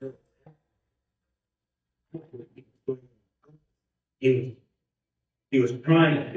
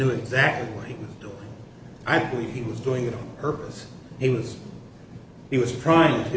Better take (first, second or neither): second